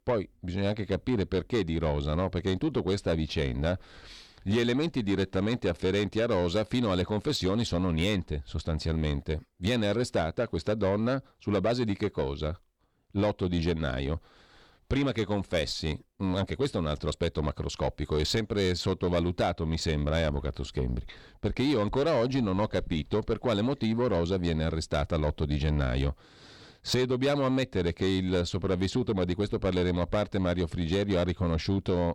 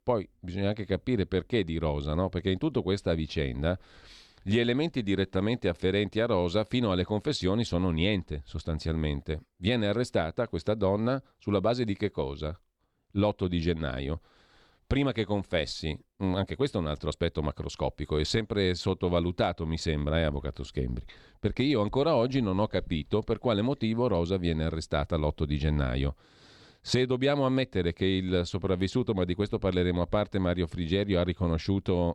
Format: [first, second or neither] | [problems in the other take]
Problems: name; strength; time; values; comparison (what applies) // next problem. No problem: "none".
second | distortion; slight; 10 dB below the speech